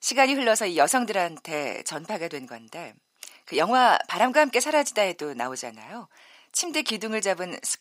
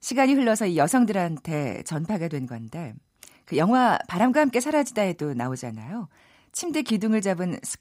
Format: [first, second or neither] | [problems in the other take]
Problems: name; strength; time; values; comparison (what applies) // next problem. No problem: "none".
second | thin; somewhat; fading below 500 Hz